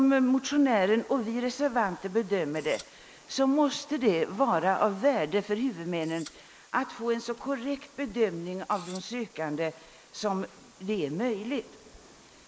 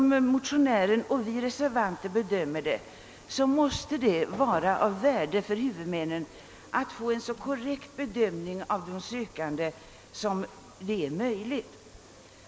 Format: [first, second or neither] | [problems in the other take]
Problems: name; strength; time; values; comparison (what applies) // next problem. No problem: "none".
second | noise reduction (neural mask model Resemble Enhance denoiser)